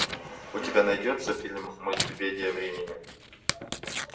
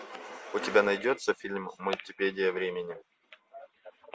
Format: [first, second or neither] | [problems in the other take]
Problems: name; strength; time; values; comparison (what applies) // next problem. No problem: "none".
second | background sound (Tearing); 6 dB below the speech // room echo; dies away in 0.6 s